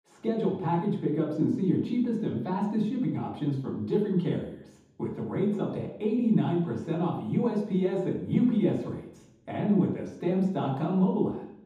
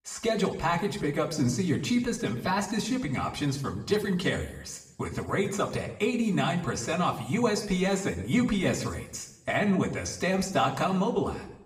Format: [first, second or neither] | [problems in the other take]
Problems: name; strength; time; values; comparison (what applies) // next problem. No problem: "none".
second | room echo; strong; dies away in 0.9 s; slight in the second // off-mic speech; far; somewhat distant in the second